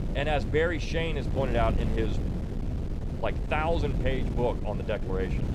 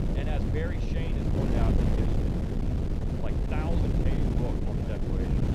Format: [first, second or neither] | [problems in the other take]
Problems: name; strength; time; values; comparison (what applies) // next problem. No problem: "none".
first | wind noise on the microphone; heavy; 4 dB above the speech; occasional gusts in the first